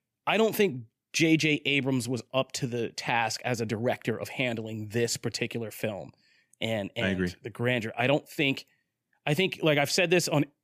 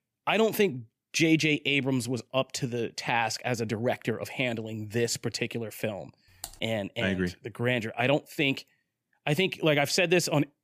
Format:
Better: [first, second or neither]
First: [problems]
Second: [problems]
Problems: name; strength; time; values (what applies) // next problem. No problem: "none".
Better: first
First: none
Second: keyboard typing; faint; at 6.5 s; peak 15 dB below the speech